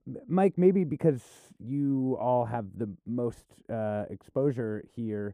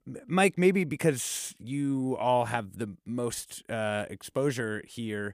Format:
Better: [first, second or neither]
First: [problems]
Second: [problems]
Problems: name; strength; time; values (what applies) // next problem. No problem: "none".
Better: second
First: muffled; very; fading above 1.5 kHz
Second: none